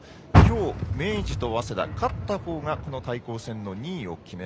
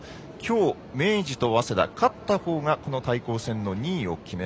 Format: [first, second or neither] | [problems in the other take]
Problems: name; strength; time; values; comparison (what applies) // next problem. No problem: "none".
second | background sound (Car); 4 dB above the speech